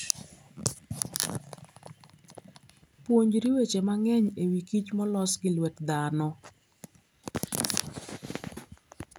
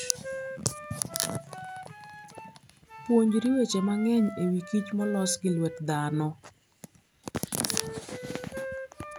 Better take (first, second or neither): first